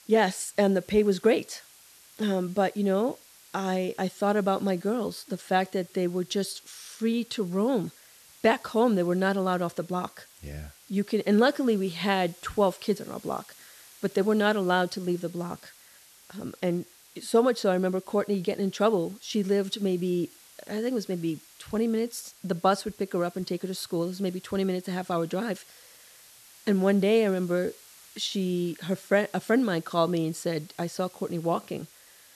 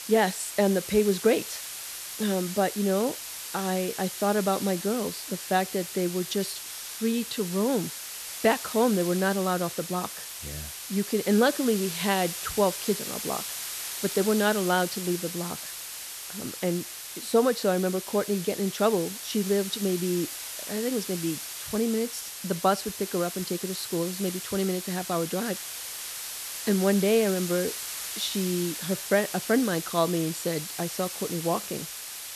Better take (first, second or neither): first